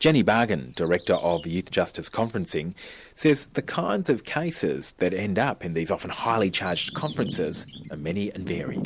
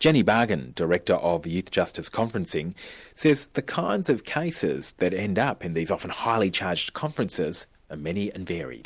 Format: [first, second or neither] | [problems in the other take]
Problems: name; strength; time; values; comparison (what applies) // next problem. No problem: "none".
second | background sound (Bird vocalization, bird call, bird song); 16 dB below the speech